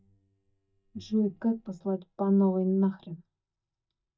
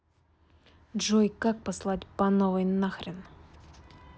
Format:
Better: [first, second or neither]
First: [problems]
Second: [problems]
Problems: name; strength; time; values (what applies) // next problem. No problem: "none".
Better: second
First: noise reduction (neural mask model DeepFilterNet 3)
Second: none